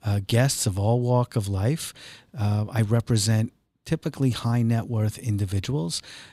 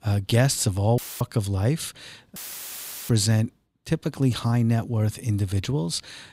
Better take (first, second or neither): first